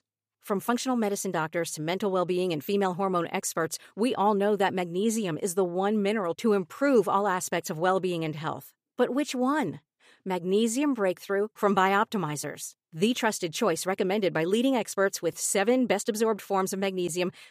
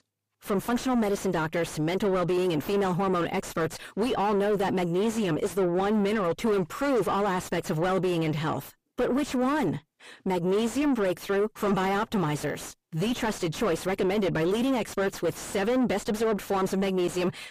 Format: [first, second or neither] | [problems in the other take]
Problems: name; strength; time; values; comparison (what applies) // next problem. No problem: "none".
first | distortion; heavy; 5 dB below the speech